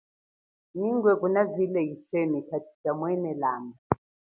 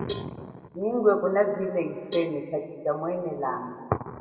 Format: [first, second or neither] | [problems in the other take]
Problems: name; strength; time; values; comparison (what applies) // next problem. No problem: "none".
first | background sound (Cowbell); 17 dB below the speech // room echo; dies away in 2 s